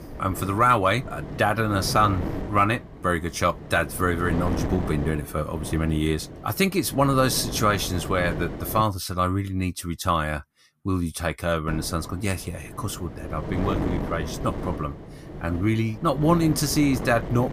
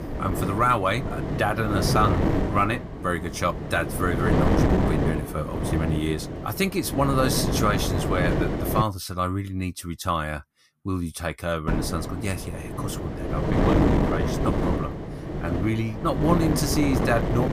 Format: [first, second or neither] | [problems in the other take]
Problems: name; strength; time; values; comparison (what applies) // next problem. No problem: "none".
first | wind noise on the microphone; heavy; until 9 s and from 12 s on; 3 dB below the speech; occasional gusts in the first